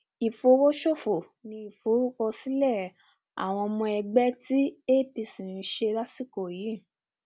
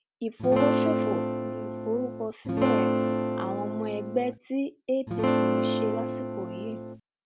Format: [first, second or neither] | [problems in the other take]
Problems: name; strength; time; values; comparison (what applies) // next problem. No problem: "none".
first | background sound (Acoustic guitar / Strum); 4 dB above the speech